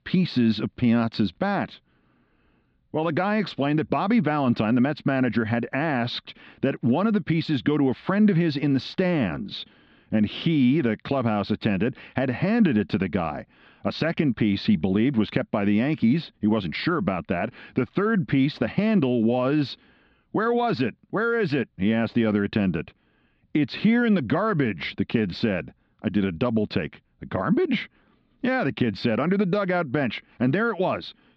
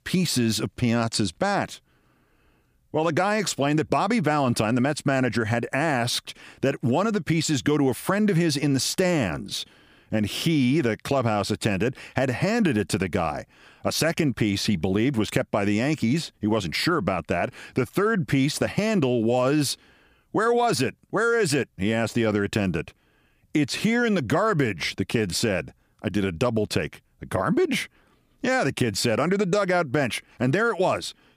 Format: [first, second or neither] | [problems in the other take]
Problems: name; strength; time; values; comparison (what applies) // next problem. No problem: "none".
second | muffled; slightly; fading above 4 kHz